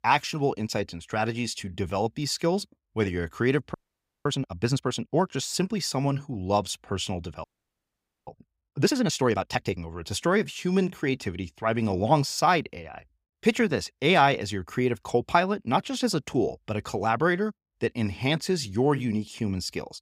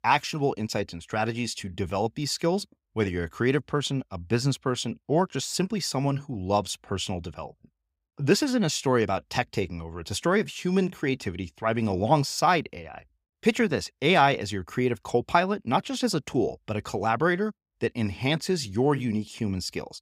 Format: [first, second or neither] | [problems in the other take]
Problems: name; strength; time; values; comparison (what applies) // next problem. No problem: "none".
second | audio freezing; at 3.5 s for 0.5 s and at 7.5 s for 1 s